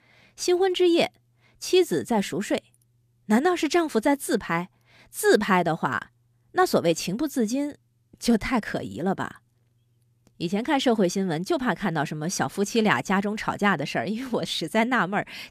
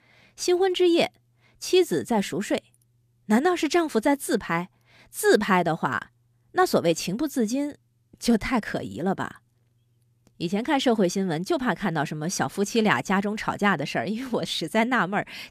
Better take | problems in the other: neither | none

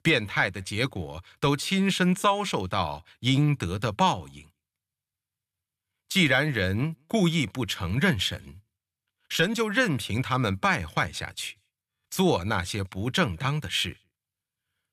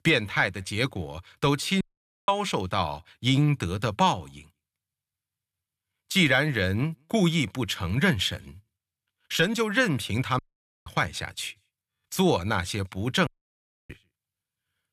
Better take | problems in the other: first | audio cutting out; at 2 s, at 10 s and at 13 s for 0.5 s

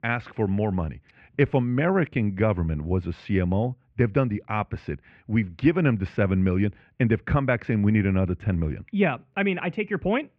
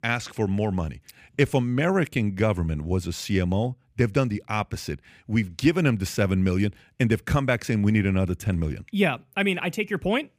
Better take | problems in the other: second | muffled; very; fading above 2.5 kHz

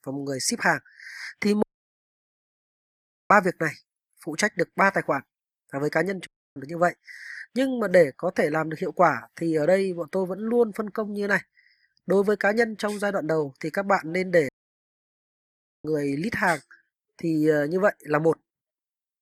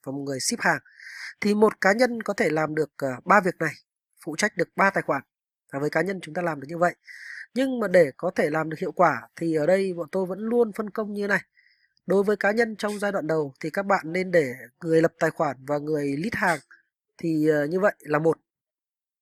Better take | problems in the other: second | audio cutting out; at 1.5 s for 1.5 s, at 6.5 s and at 14 s for 1.5 s

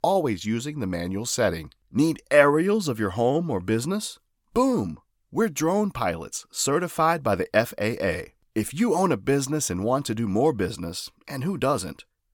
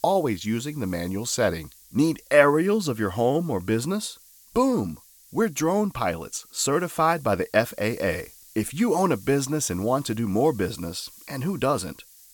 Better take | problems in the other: first | hiss; faint; throughout; 25 dB below the speech

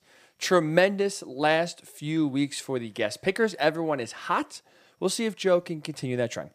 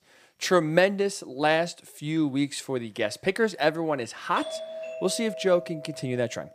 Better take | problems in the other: first | doorbell; noticeable; from 4.5 s on; peak 9 dB below the speech

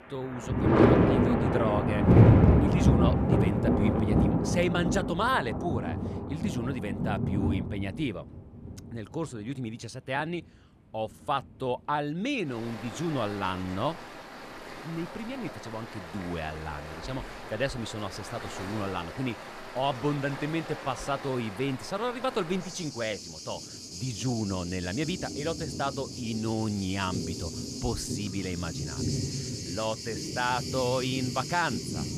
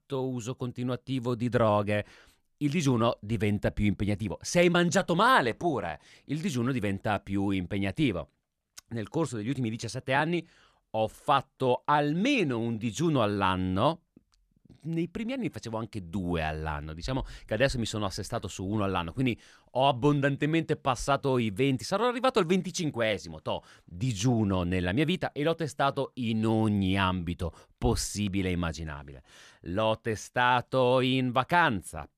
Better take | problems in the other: second | rain or running water; very loud; throughout; 4 dB above the speech

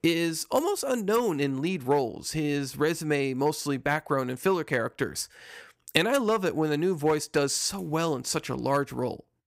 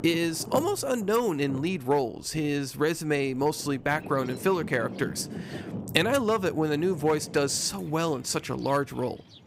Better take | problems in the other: first | rain or running water; noticeable; throughout; 15 dB below the speech

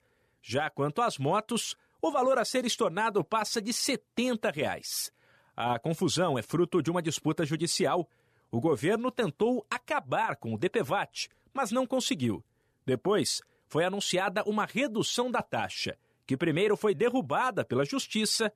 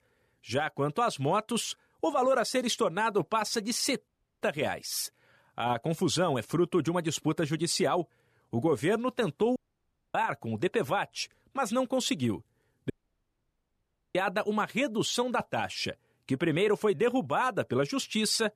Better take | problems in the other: first | audio cutting out; at 4 s, at 9.5 s for 0.5 s and at 13 s for 1.5 s

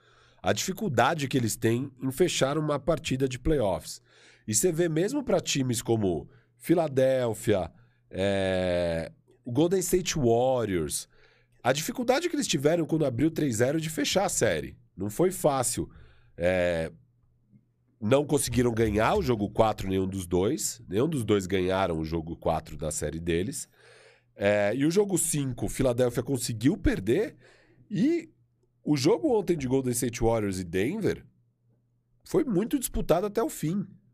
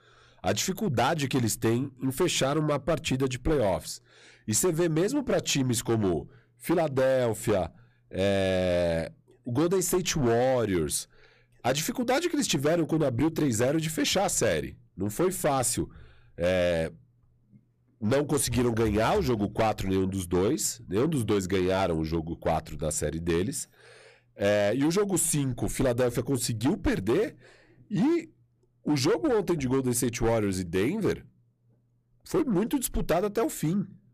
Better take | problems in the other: first | distortion; slight; 10% of the sound clipped

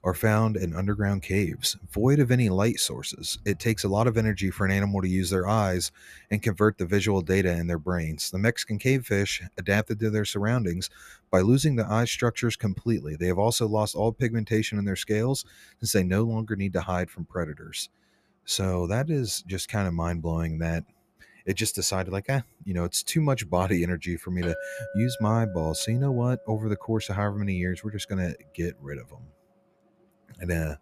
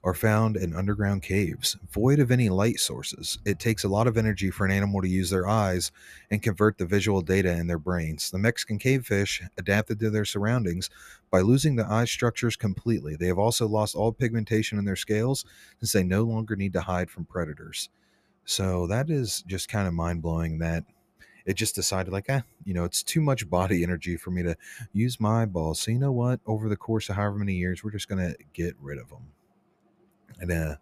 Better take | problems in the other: second | clattering dishes; noticeable; from 24 to 28 s; peak 9 dB below the speech

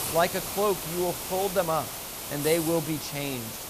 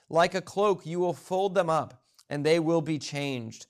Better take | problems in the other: second | hiss; loud; throughout; 4 dB below the speech

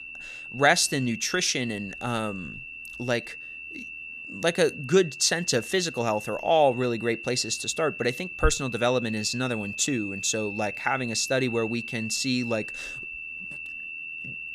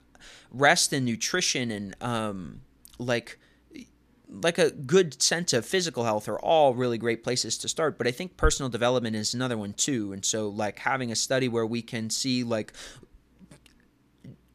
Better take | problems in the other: second | high-pitched whine; loud; throughout; 2.5 kHz, 10 dB below the speech

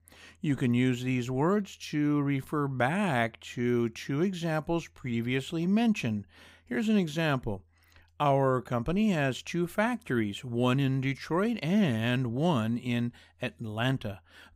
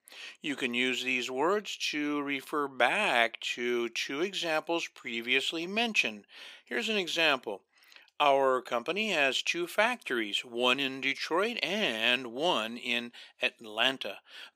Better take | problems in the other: first | thin; somewhat; fading below 350 Hz

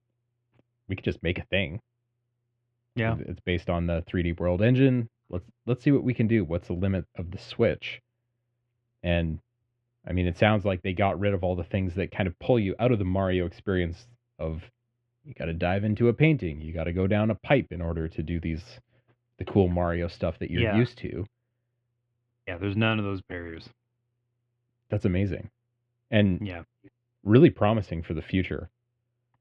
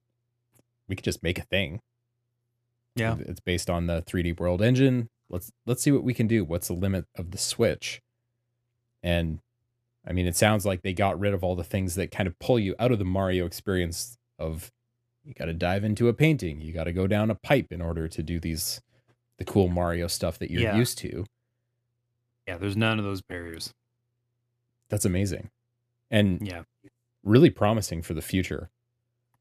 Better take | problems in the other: second | muffled; very; fading above 3 kHz

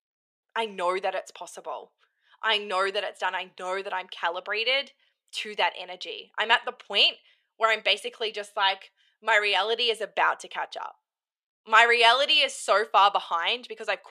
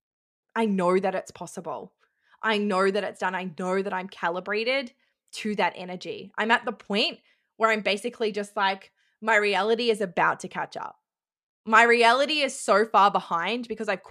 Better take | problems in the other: second | thin; very; fading below 600 Hz

